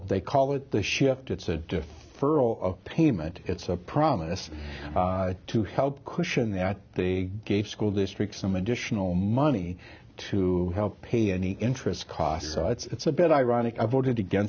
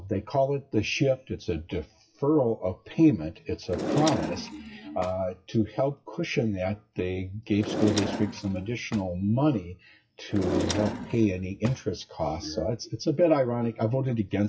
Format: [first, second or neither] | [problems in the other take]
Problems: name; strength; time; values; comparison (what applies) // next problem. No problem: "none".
first | noise reduction (classical method WPE with log-MMSE)